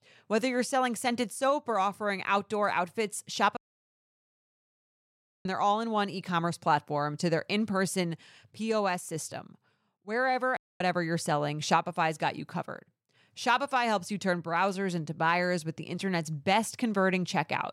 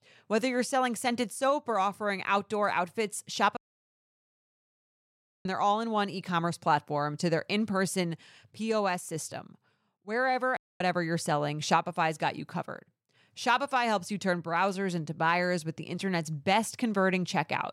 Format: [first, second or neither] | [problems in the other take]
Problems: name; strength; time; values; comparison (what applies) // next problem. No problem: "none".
neither | audio cutting out; at 3.5 s for 2 s and at 11 s; the same in both